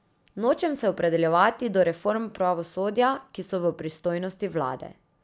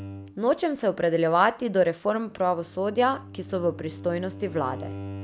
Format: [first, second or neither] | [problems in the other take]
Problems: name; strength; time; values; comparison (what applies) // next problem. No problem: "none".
first | background sound (Bowed string instrument); 15 dB below the speech